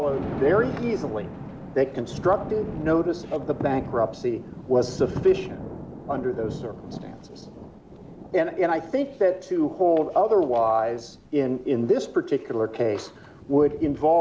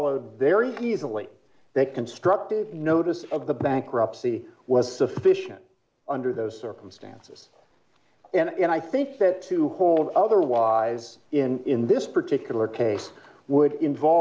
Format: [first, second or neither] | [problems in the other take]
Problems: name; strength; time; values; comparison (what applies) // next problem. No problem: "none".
second | background sound (Thunder); 13 dB below the speech